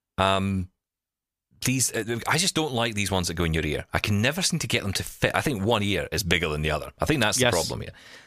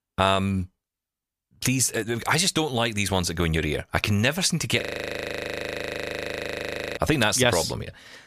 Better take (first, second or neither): first